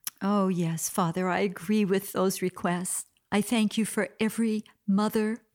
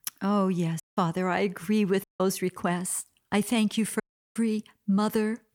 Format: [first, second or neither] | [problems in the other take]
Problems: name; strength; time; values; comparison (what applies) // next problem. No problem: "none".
first | audio cutting out; at 1 s, at 2 s and at 4 s